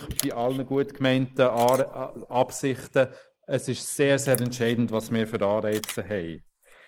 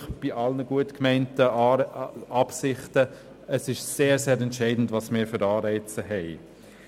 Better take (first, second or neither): second